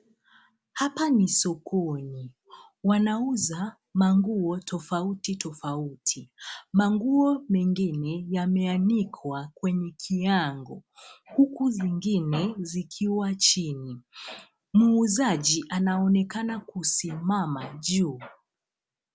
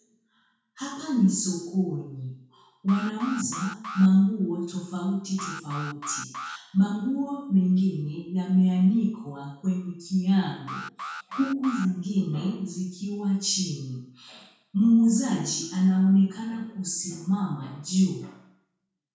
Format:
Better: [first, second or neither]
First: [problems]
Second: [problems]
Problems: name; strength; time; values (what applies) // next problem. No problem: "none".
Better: first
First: none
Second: background sound (Alarm); 12 dB below the speech // room echo; dies away in 0.6 s